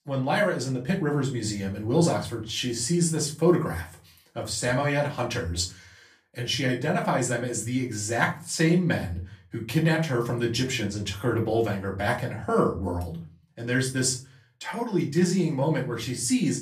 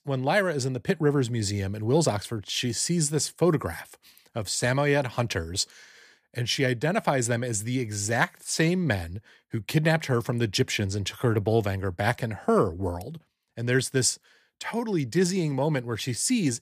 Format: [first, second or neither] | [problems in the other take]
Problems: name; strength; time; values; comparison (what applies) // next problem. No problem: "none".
second | off-mic speech; far // room echo; slight; dies away in 0.3 s